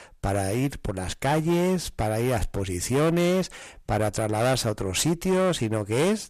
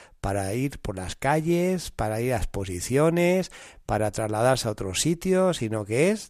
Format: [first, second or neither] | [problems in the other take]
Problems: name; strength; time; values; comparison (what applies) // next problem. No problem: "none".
second | distortion; slight; 14% of the sound clipped